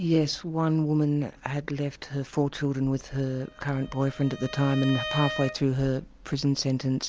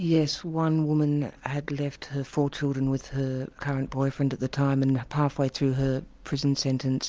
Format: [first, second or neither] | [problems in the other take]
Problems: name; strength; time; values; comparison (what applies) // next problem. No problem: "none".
second | background sound (Bowed string instrument); 12 dB below the speech